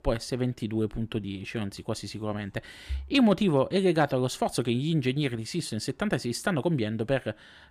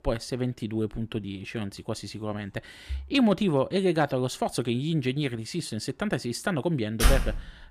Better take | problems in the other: first | door banging; loud; at 7 s; peak 3 dB above the speech

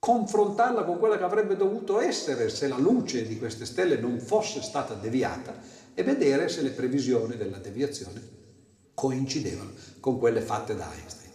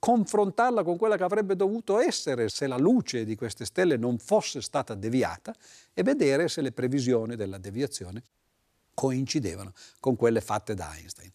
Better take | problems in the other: second | room echo; slight; dies away in 1.8 s // off-mic speech; somewhat distant

